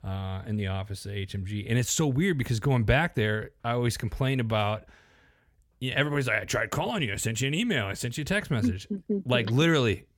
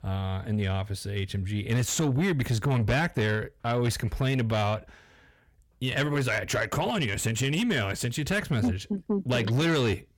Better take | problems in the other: first | distortion; slight; 10 dB below the speech

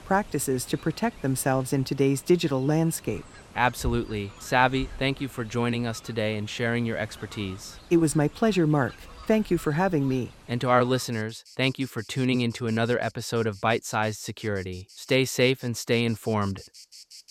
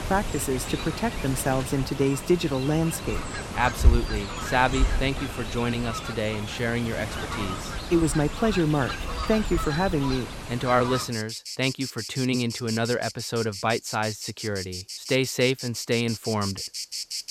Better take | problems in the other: first | animal sounds; loud; throughout; 6 dB below the speech; faint in the first

